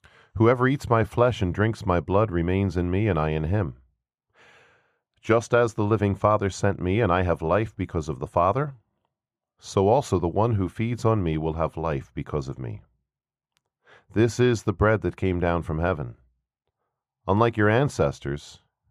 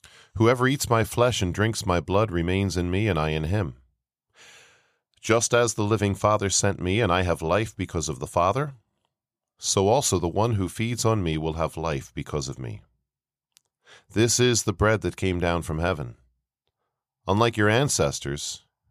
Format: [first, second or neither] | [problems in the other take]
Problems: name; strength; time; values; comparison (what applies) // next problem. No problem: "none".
second | muffled; very; fading above 3 kHz